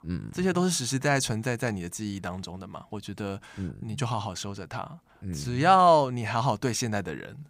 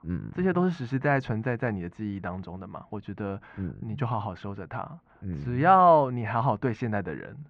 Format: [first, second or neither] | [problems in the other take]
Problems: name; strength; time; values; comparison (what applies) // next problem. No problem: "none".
first | muffled; very; fading above 2 kHz